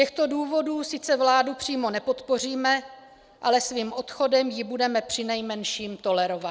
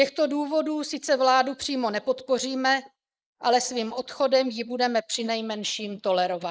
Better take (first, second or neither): first